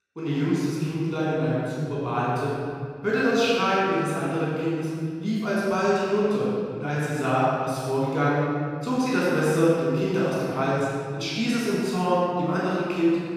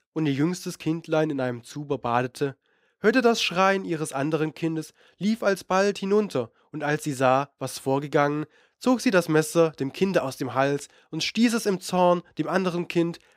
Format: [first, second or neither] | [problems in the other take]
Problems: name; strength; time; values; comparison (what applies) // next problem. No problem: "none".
second | off-mic speech; far // room echo; strong; dies away in 2.5 s